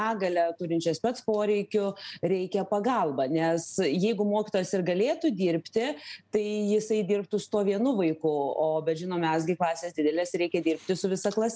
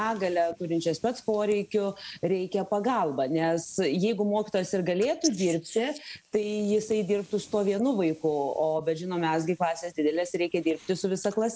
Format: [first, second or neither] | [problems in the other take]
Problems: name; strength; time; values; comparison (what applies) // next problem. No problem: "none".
first | noise reduction (neural mask model Resemble Enhance denoiser)